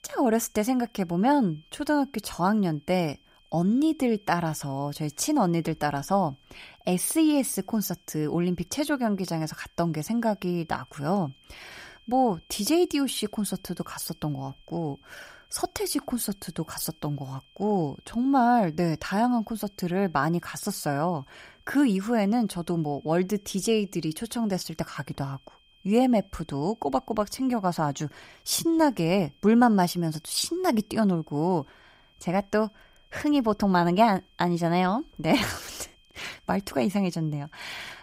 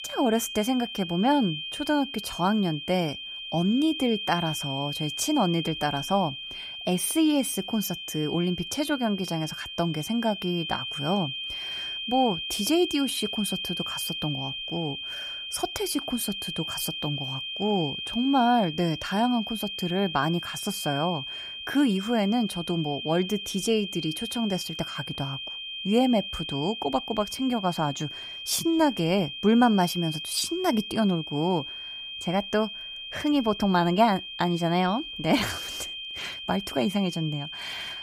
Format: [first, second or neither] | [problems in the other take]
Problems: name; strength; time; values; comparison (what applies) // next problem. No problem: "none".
first | high-pitched whine; loud; throughout; 3 kHz, 6 dB below the speech; faint in the first